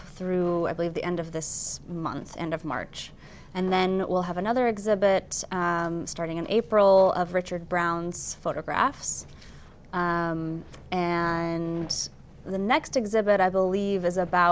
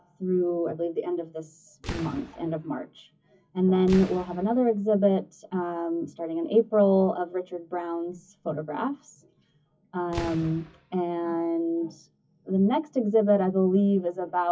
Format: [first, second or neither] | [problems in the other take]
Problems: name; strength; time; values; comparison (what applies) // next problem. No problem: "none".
first | noise reduction (classical method WPE with log-MMSE)